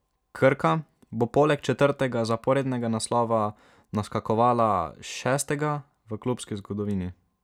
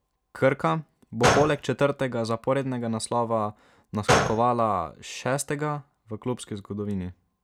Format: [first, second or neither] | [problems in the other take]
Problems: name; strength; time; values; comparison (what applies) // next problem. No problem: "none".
first | background sound (Gunshot, gunfire); 2 dB below the speech